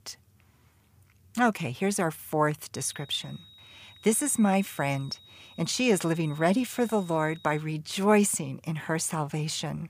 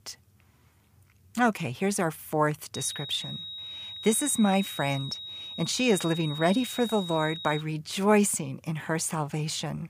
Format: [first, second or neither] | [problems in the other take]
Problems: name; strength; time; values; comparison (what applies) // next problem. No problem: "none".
first | high-pitched whine; loud; from 3 to 7.5 s; 4 kHz, 9 dB below the speech; faint in the first